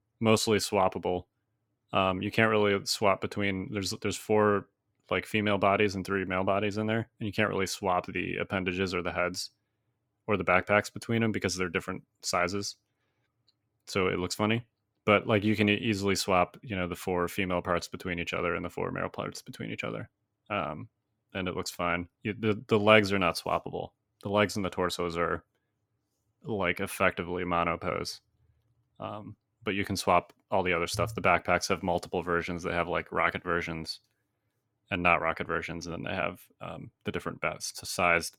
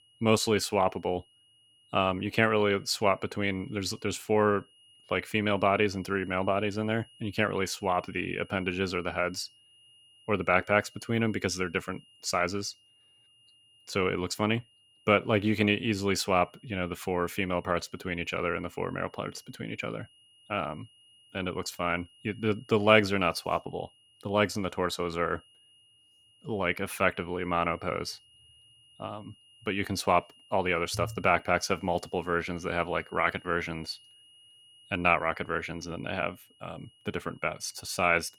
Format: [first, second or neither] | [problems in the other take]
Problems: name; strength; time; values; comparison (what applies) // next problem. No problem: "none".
first | high-pitched whine; faint; throughout; 3 kHz, 30 dB below the speech